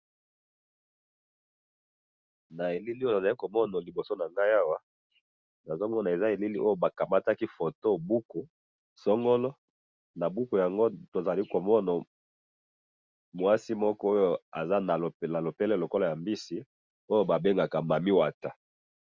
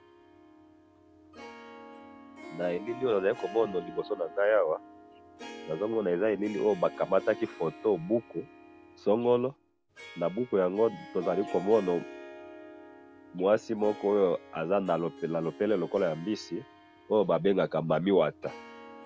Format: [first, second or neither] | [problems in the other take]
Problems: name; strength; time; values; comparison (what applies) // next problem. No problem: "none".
first | background sound (Harp); 17 dB below the speech